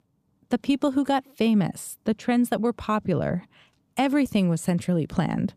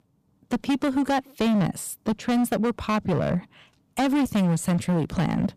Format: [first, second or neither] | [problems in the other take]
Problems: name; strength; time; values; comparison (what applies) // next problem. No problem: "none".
first | distortion; slight; 17% of the sound clipped